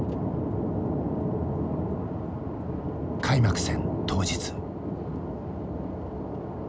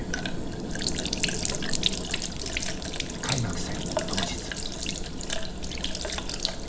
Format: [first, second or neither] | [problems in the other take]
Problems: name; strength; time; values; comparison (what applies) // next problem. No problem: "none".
first | background sound (Sink (filling or washing)); 4 dB above the speech // room echo; dies away in 2.4 s